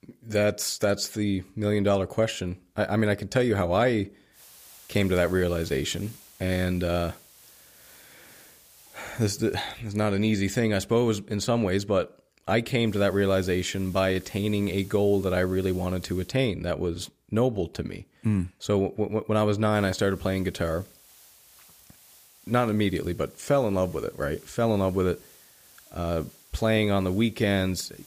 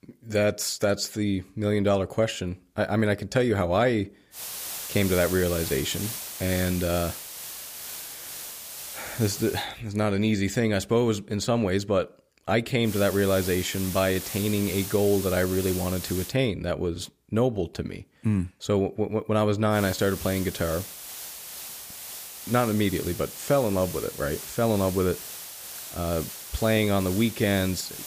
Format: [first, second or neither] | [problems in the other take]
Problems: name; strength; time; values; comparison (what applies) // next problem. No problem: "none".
first | hiss; loud; from 4.5 to 9.5 s, from 13 to 16 s and from 20 s on; 9 dB below the speech; faint in the first